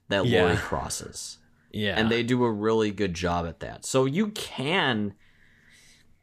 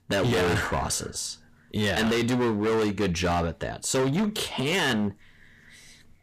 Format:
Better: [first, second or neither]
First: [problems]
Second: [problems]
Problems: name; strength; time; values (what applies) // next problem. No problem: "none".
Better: first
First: none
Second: distortion; heavy; 19% of the sound clipped